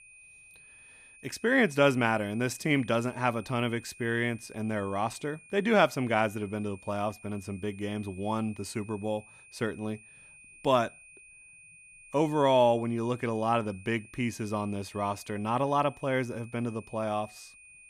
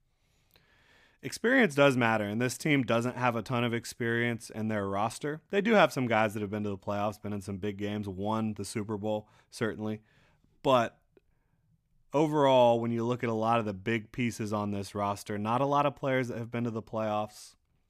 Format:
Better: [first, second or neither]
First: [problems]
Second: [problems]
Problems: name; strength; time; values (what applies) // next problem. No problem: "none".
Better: second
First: high-pitched whine; faint; throughout; 2.5 kHz, 20 dB below the speech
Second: none